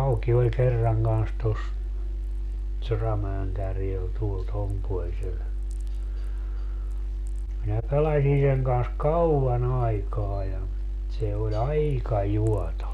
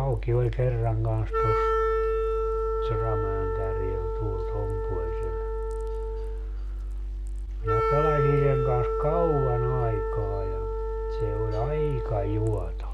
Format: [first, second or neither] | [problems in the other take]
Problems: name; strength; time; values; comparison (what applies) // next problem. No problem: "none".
first | background sound (Wind instrument, woodwind instrument); 2 dB below the speech